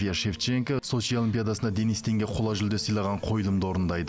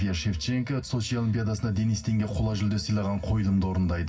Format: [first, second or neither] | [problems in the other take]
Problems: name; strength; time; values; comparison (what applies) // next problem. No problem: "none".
first | room echo; dies away in 0.4 s